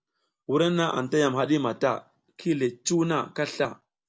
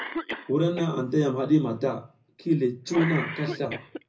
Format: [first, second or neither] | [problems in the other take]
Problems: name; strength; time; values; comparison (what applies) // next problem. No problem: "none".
first | background sound (Cough); 11 dB below the speech // room echo; dies away in 0.4 s